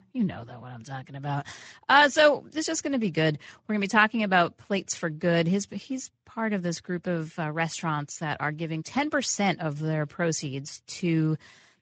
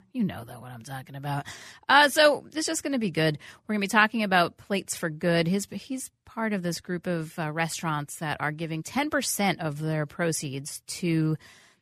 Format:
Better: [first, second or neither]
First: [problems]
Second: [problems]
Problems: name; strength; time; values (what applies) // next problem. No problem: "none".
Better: second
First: garbled, watery; slightly; nothing above 7.5 kHz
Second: none